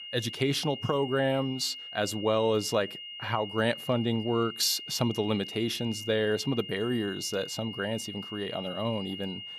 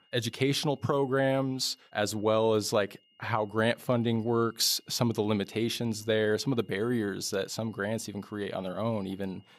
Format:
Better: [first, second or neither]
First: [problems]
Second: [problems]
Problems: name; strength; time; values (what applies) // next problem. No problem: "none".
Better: second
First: high-pitched whine; loud; throughout; 3 kHz, 10 dB below the speech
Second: high-pitched whine; faint; throughout; 3 kHz, 35 dB below the speech